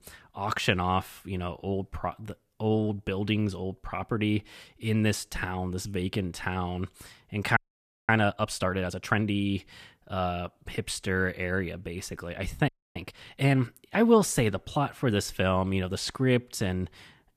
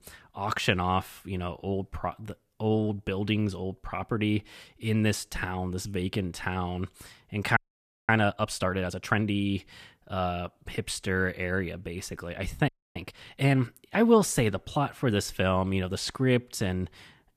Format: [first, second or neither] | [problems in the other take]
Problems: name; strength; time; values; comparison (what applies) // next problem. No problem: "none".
neither | audio freezing; at 7.5 s for 0.5 s and at 13 s; the same in both